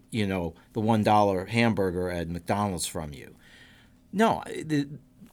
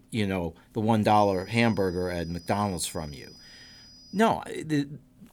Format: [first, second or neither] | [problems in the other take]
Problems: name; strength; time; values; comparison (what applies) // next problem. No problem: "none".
first | high-pitched whine; faint; from 1 to 4 s; 5 kHz, 20 dB below the speech